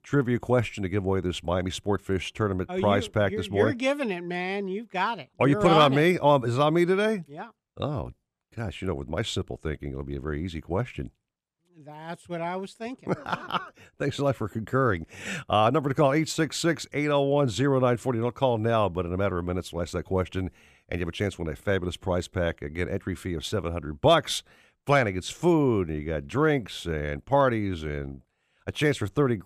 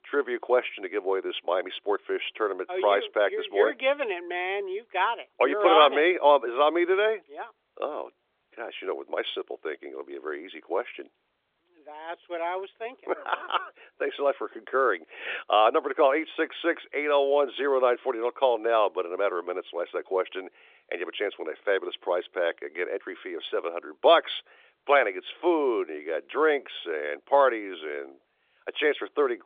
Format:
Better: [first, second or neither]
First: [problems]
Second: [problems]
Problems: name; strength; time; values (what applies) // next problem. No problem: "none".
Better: first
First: none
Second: phone-call audio; nothing above 3.5 kHz